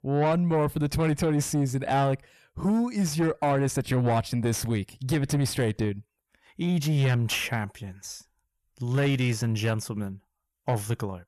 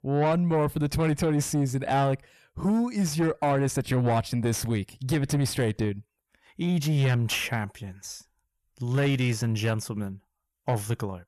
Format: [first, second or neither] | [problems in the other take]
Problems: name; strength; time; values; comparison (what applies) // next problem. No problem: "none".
neither | distortion; slight; 10 dB below the speech; the same in both